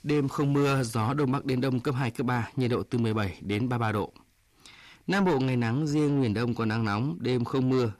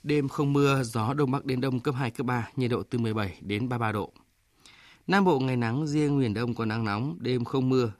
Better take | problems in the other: second | distortion; slight; 10 dB below the speech

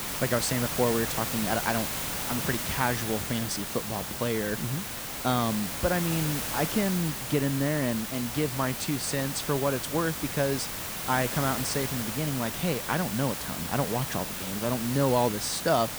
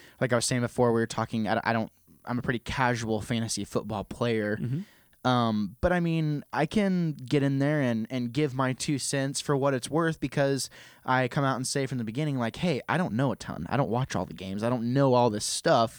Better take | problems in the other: second | hiss; loud; throughout; 2 dB below the speech

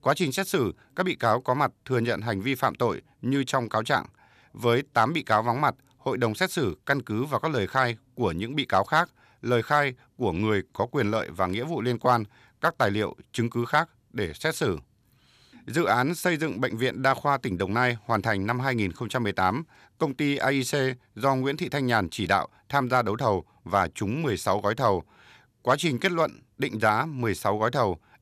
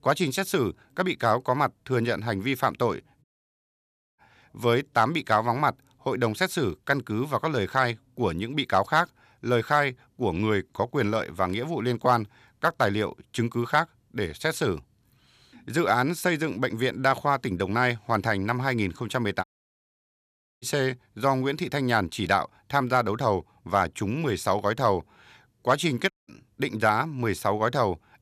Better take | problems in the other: first | audio cutting out; at 3 s for 1 s, at 19 s for 1 s and at 26 s

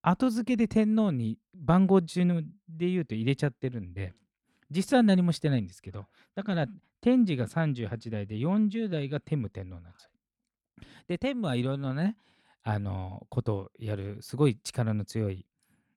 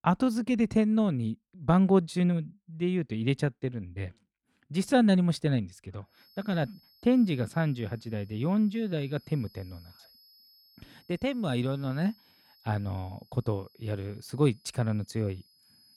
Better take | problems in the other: first | high-pitched whine; faint; from 6 s on; 5 kHz, 30 dB below the speech

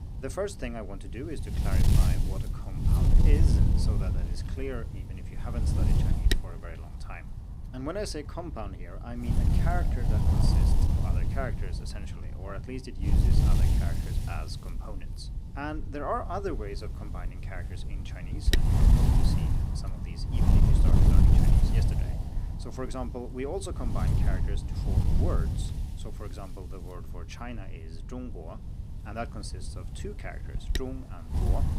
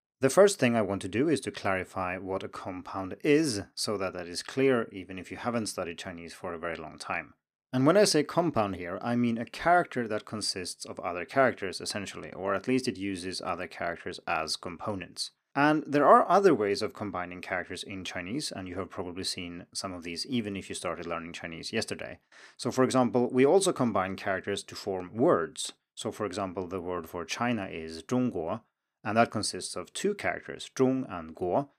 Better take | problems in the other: second | wind noise on the microphone; heavy; 1 dB above the speech

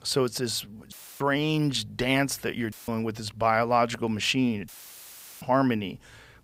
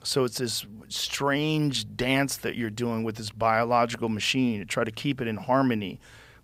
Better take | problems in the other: second | audio cutting out; filled with static; at 1 s, at 2.5 s and at 4.5 s for 0.5 s

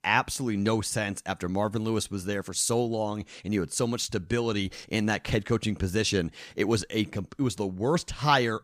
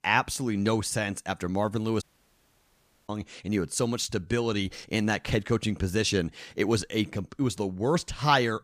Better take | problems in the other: first | audio cutting out; at 2 s for 1 s

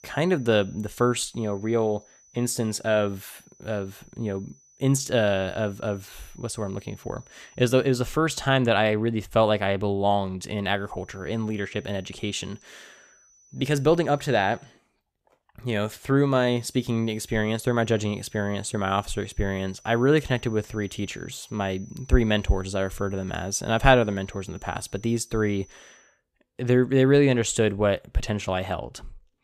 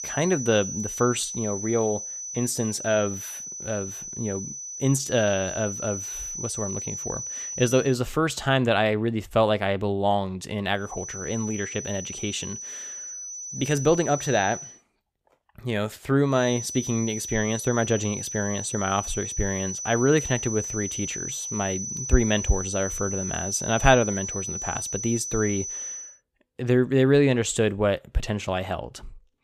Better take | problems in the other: first | high-pitched whine; loud; until 8 s, from 11 to 15 s and from 16 to 26 s; 6 kHz, 6 dB below the speech; faint in the first

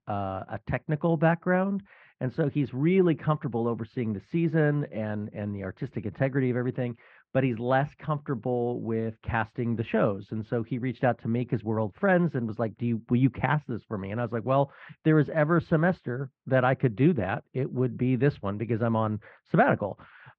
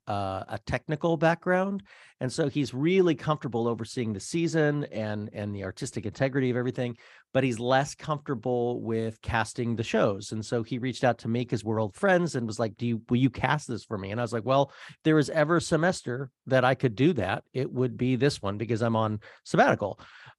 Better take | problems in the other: second | muffled; very; fading above 2.5 kHz

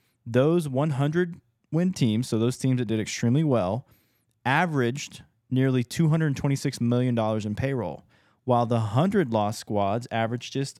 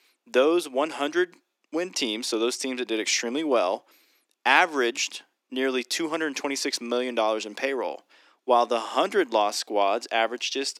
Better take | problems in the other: first | thin; very; fading below 300 Hz

